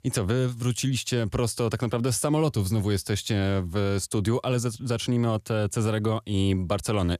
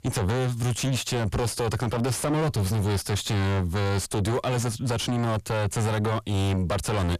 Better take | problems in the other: first | distortion; heavy; 5 dB below the speech

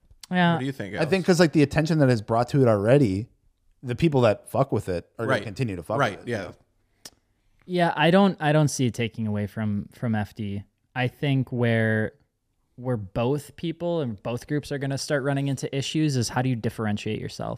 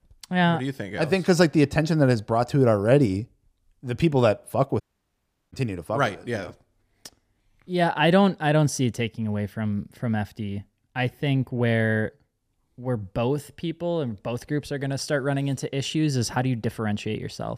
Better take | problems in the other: first | audio cutting out; at 5 s for 0.5 s

